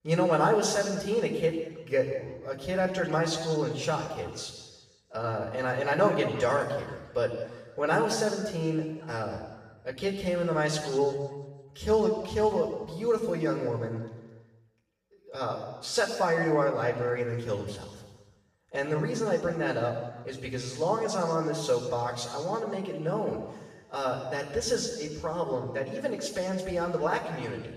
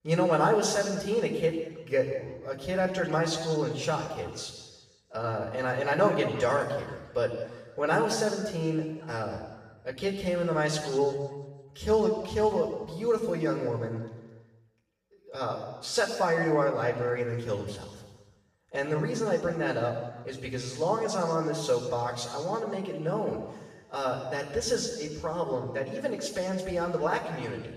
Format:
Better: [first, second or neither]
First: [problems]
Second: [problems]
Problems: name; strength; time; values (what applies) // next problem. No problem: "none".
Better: neither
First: room echo; noticeable; dies away in 1.2 s // off-mic speech; far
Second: room echo; noticeable; dies away in 1.2 s // off-mic speech; far